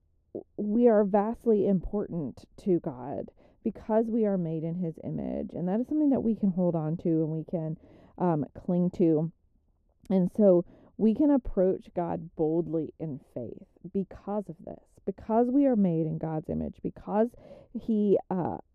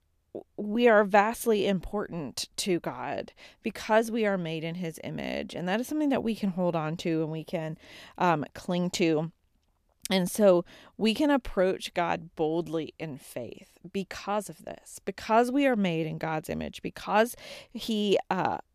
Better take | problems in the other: second | muffled; very; fading above 1 kHz

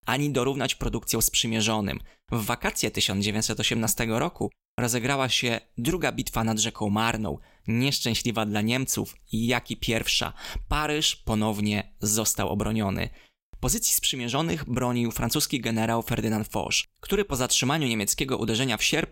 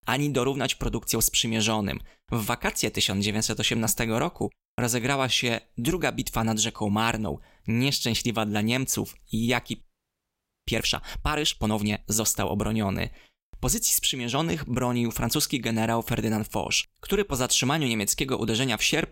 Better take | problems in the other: first | audio freezing; at 10 s for 1 s

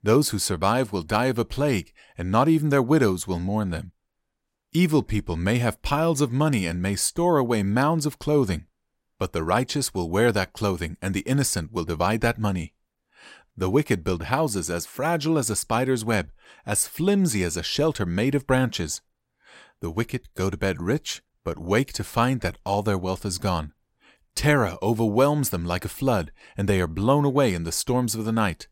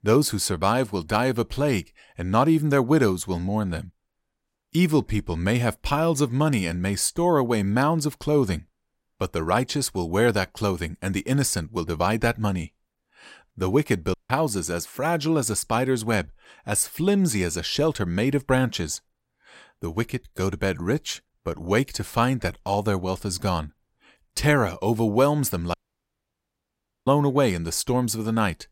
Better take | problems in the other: first | audio cutting out; at 14 s and at 26 s for 1.5 s

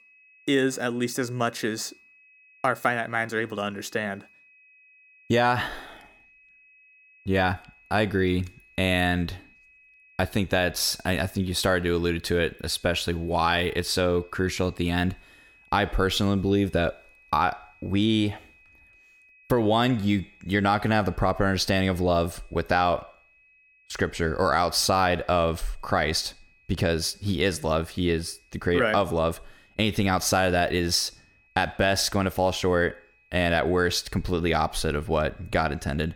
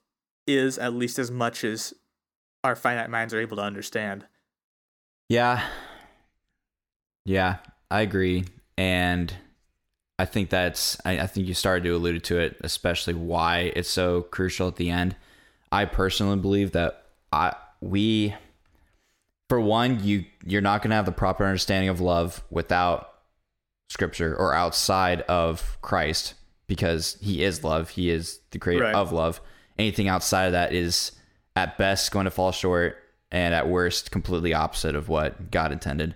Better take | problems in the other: second | high-pitched whine; faint; throughout; 2.5 kHz, 30 dB below the speech

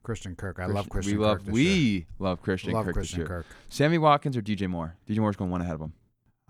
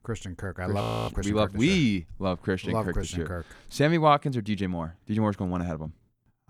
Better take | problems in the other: first | audio freezing; at 1 s

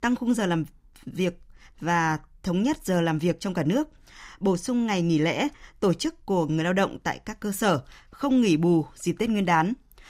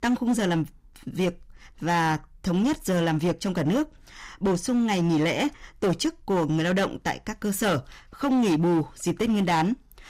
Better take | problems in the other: first | distortion; slight; 12% of the sound clipped

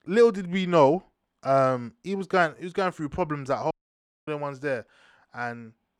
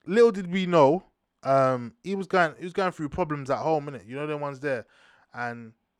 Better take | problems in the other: second | audio cutting out; at 3.5 s for 0.5 s

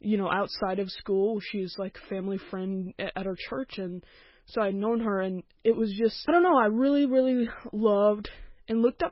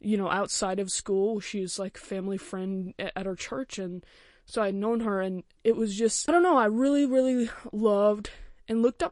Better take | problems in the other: second | garbled, watery; badly; nothing above 5.5 kHz; slightly in the second

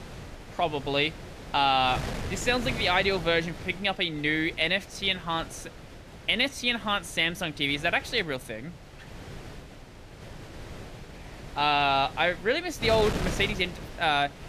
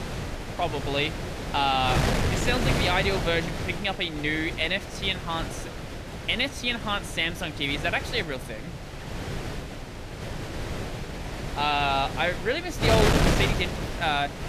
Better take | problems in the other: first | wind noise on the microphone; heavy; 6 dB below the speech; occasional gusts in the first

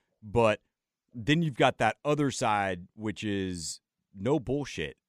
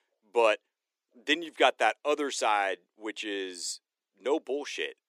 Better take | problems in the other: first | thin; somewhat; fading below 350 Hz

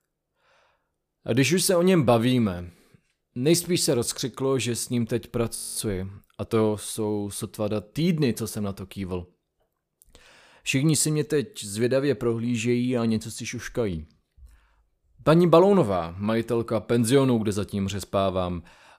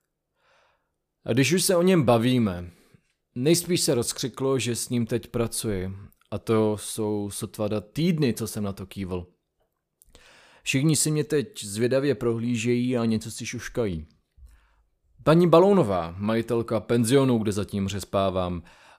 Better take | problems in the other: second | audio freezing; at 5.5 s

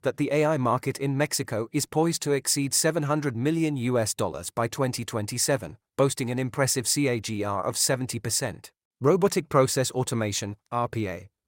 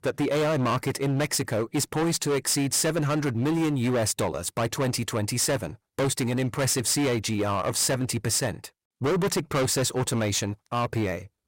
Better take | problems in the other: first | distortion; heavy; 20% of the sound clipped

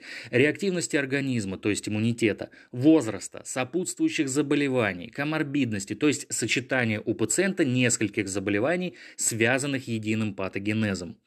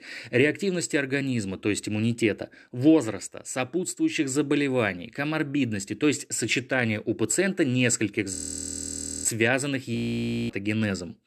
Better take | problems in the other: first | audio freezing; at 8.5 s for 1 s and at 10 s for 0.5 s

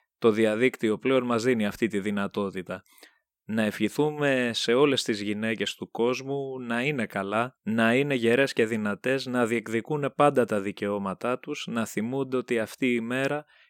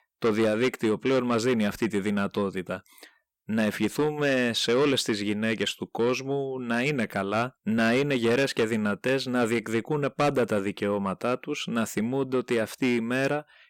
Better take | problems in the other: first | distortion; slight; 10 dB below the speech

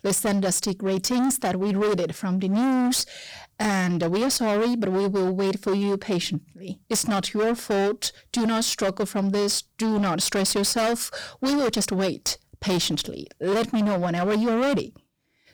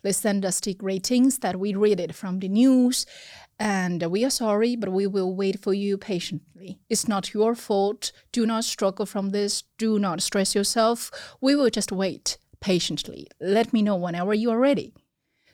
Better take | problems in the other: second | distortion; heavy; 24% of the sound clipped

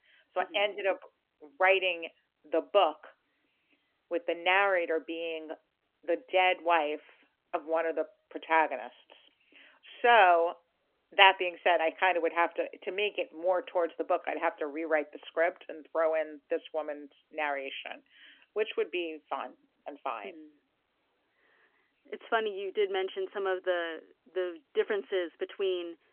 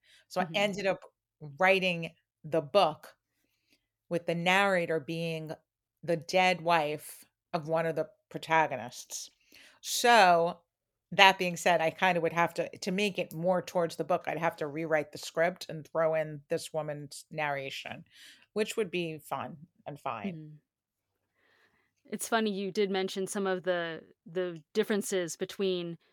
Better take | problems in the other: second | phone-call audio; nothing above 3 kHz

